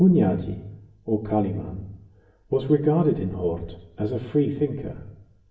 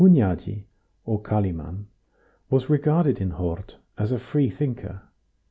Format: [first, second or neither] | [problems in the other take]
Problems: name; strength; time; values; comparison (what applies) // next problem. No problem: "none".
second | room echo; dies away in 0.9 s